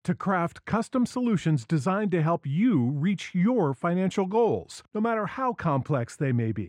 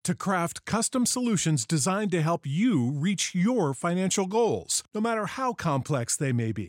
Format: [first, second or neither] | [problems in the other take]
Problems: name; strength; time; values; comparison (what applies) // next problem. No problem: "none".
second | muffled; very; fading above 3.5 kHz